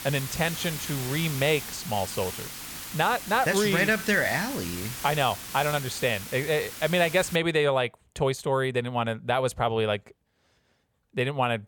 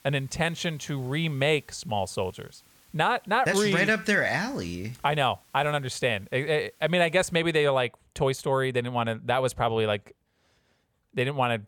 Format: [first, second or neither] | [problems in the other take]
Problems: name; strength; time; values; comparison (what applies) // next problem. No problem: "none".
second | hiss; loud; until 7.5 s; 9 dB below the speech; faint in the second